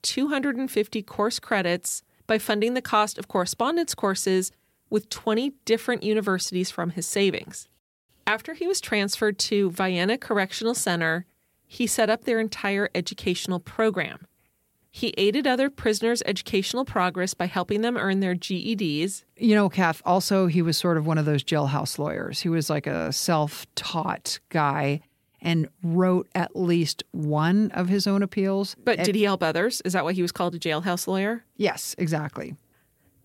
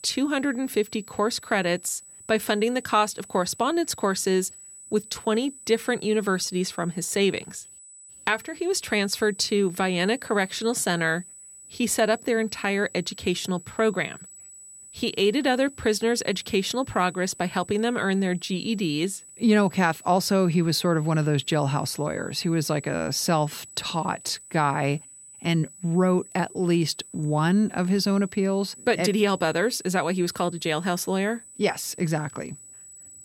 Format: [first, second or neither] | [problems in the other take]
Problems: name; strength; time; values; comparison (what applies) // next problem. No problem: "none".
first | high-pitched whine; noticeable; throughout; 8 kHz, 20 dB below the speech